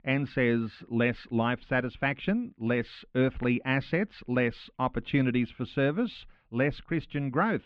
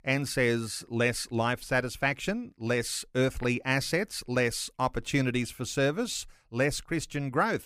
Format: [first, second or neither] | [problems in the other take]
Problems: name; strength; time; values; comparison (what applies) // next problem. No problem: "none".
second | muffled; very; fading above 3.5 kHz